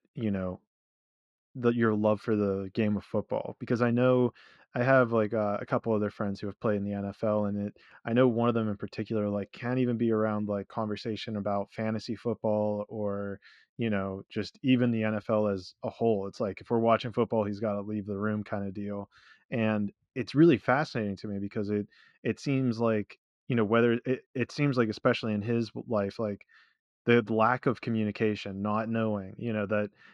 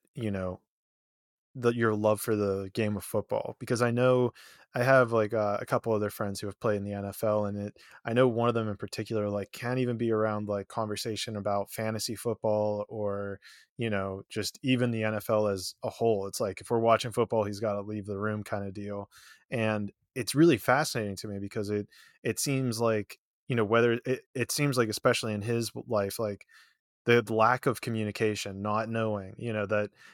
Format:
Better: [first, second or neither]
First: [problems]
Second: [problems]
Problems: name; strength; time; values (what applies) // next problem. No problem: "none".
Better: second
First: muffled; slightly; fading above 4 kHz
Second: none